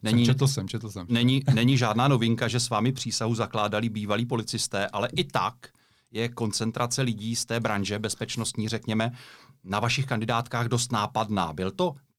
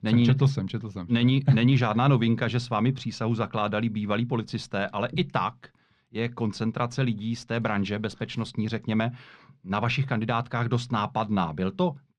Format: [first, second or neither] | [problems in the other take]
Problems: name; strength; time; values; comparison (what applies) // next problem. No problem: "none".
first | muffled; slightly; fading above 2.5 kHz